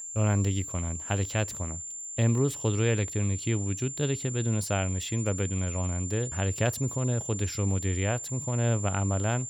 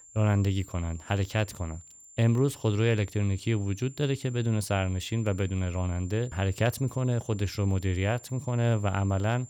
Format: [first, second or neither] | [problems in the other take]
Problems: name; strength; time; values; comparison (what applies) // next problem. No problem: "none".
second | high-pitched whine; loud; throughout; 7 kHz, 6 dB below the speech; faint in the second